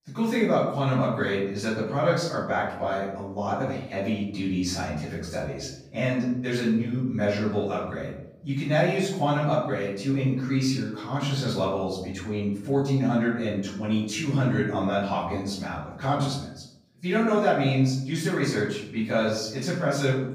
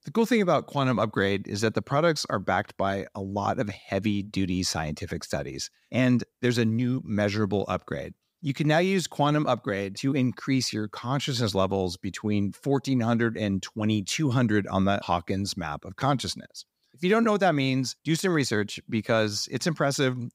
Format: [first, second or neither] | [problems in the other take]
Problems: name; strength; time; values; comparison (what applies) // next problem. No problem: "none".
second | off-mic speech; far // room echo; noticeable; dies away in 0.7 s